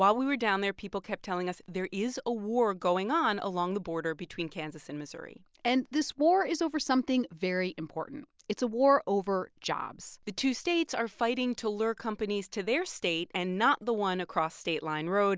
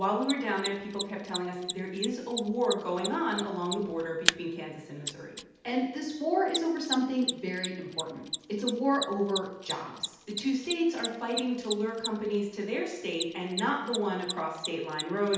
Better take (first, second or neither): first